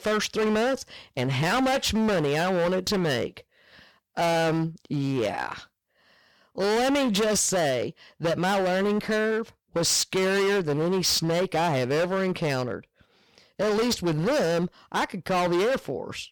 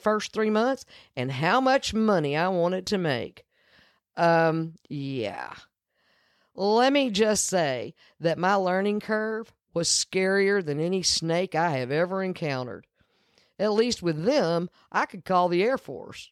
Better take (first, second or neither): second